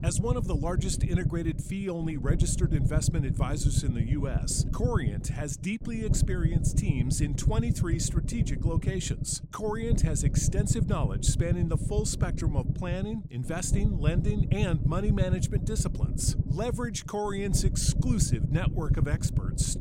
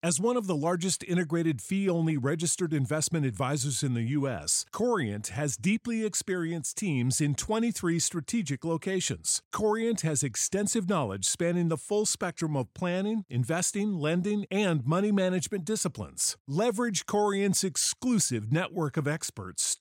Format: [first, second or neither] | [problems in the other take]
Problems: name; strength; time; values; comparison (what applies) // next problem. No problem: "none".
second | low rumble; loud; throughout; 6 dB below the speech